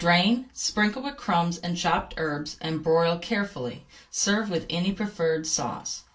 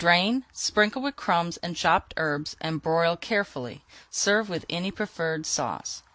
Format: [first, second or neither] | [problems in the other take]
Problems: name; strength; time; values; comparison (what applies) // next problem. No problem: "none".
second | room echo; dies away in 0.2 s